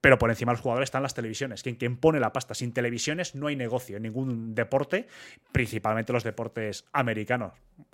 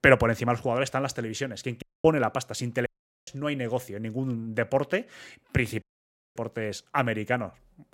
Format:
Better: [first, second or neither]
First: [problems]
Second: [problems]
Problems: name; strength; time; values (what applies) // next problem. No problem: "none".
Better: first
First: none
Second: audio cutting out; at 2 s, at 3 s and at 6 s for 0.5 s